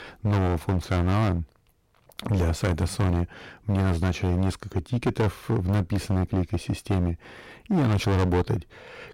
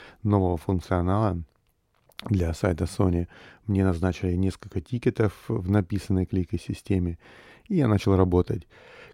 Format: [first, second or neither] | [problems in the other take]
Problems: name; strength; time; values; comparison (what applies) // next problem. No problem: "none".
second | distortion; heavy; 14% of the sound clipped